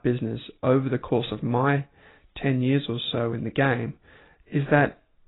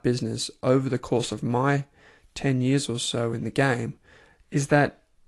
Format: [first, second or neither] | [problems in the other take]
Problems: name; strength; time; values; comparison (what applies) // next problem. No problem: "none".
second | garbled, watery; badly; nothing above 4 kHz; slightly in the second